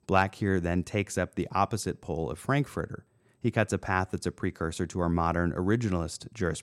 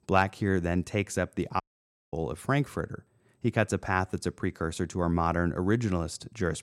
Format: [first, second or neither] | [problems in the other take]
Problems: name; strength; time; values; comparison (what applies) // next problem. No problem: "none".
first | audio cutting out; at 1.5 s for 0.5 s